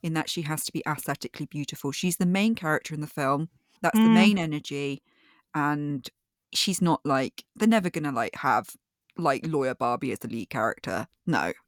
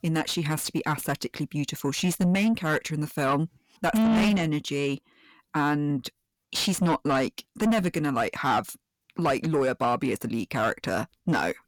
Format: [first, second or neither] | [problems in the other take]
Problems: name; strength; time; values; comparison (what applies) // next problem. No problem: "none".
first | distortion; heavy; 8 dB below the speech